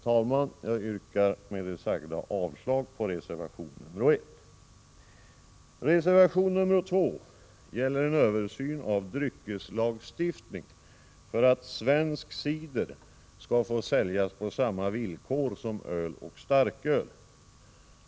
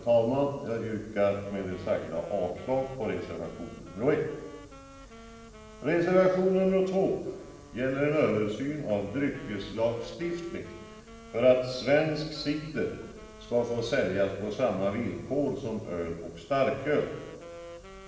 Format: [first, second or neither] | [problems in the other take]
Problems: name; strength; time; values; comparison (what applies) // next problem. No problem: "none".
first | background sound (Wind instrument, woodwind instrument); 19 dB below the speech // room echo; dies away in 1 s